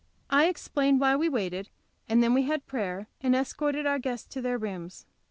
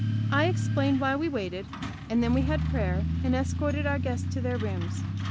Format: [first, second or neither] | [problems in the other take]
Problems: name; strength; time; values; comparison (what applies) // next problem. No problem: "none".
first | background sound (Truck); 1 dB above the speech